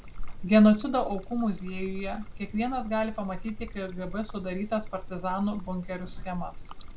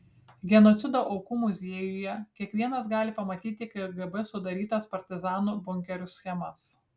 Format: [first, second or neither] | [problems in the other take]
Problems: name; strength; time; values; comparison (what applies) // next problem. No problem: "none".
second | background sound (Trickle, dribble); 8 dB below the speech